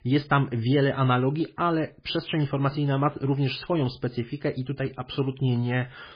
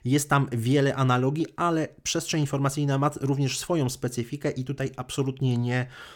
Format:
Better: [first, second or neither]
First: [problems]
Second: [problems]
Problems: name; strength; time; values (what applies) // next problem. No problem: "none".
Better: second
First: garbled, watery; badly; nothing above 5 kHz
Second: none